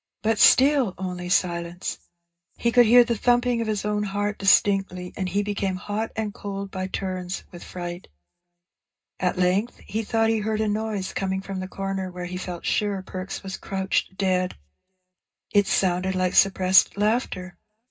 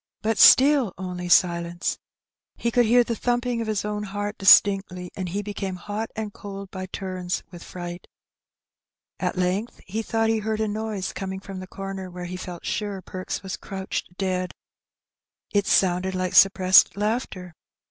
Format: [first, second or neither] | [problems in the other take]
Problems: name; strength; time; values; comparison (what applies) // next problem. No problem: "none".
second | room echo; dies away in 0.2 s